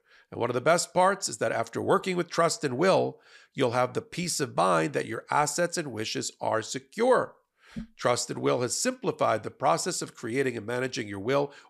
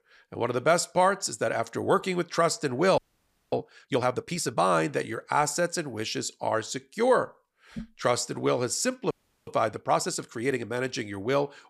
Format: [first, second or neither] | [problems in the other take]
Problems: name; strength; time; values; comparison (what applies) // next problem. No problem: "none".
first | audio freezing; at 3 s for 0.5 s and at 9 s